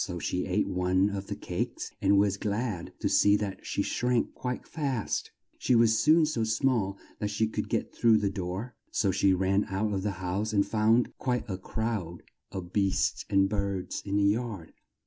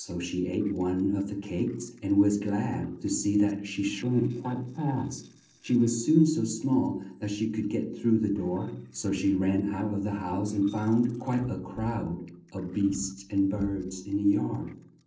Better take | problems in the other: first | noise reduction (neural separator model SepFormer DNS4)

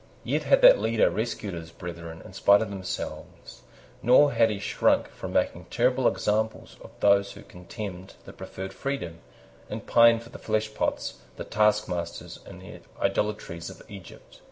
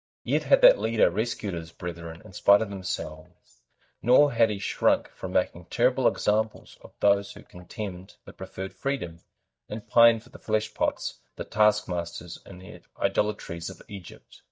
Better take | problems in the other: first | noise reduction (neural mask model DeepFilterNet 3)

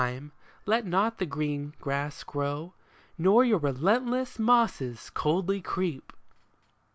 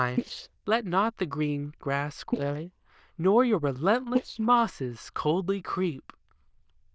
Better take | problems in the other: first | noise reduction (neural diffusion model UNIVERSE++)

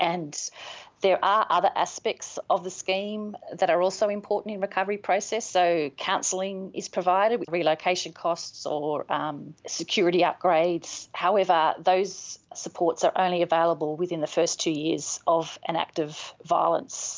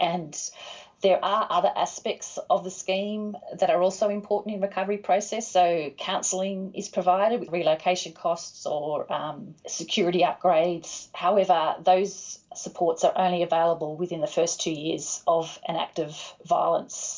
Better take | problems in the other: first | room echo; dies away in 0.2 s

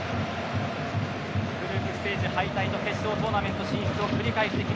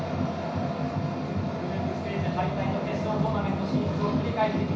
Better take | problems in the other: first | room echo; dies away in 0.6 s

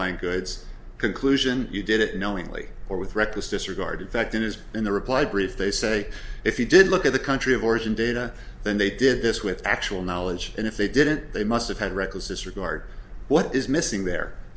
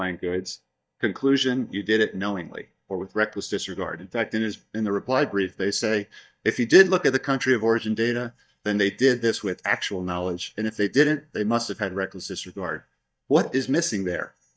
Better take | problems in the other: first | noise reduction (neural mask model DeepFilterNet 3)

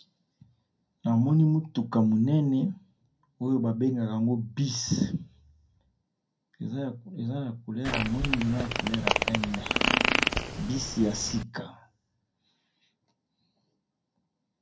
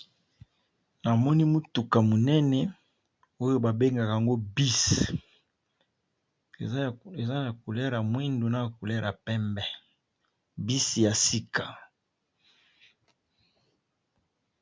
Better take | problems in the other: second | background sound (Fart); 1 dB above the speech // room echo; dies away in 0.2 s

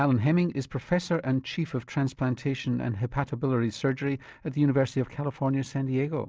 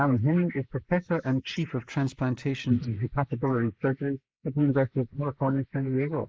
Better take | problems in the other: first | noise reduction (neural mask model Resemble Enhance denoiser)

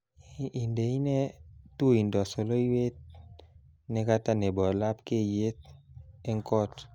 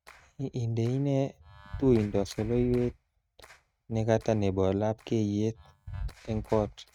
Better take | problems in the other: first | noise reduction (neural mask model RNNoise)

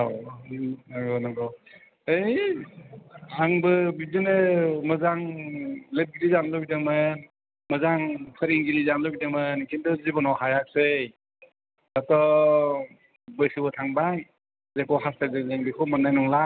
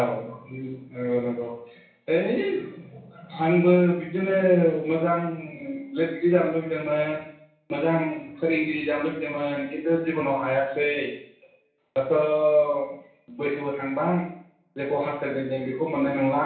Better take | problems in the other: first | room echo; dies away in 0.7 s

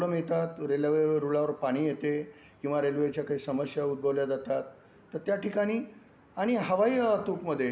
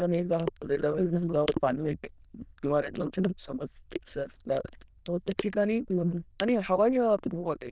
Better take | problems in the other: first | noise reduction (neural diffusion model UNIVERSE++)

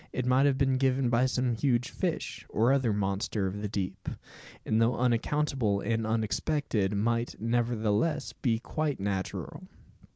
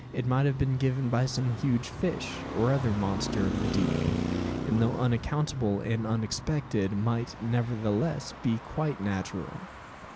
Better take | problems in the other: first | background sound (Traffic noise, roadway noise); 7 dB below the speech

